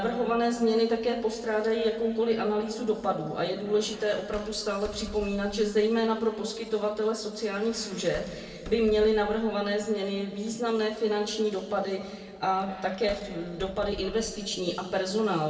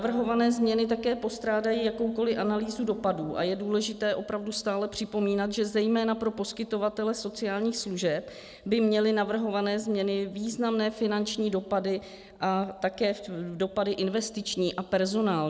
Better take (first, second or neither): second